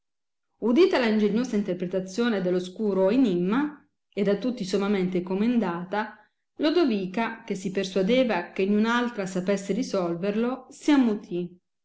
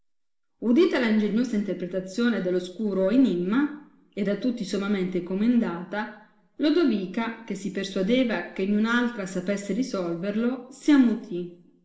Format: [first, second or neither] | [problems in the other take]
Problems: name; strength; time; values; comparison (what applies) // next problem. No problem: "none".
first | room echo; dies away in 0.6 s